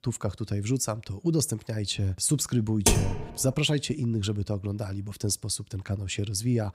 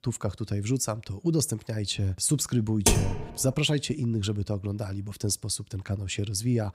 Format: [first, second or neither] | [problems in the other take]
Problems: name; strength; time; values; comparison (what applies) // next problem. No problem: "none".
neither | keyboard typing; loud; at 3 s; peak 4 dB above the speech; the same in both